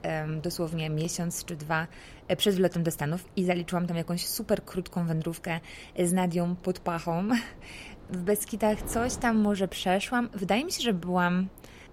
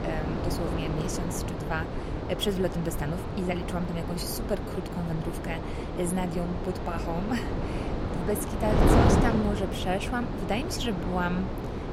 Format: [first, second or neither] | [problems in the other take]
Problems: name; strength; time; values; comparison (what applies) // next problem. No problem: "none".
first | wind noise on the microphone; heavy; as loud as the speech; occasional gusts in the first